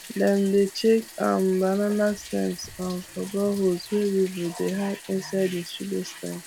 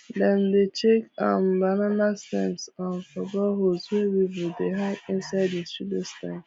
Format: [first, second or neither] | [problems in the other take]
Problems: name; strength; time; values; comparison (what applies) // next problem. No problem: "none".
second | background sound (Bathtub (filling or washing)); 19 dB below the speech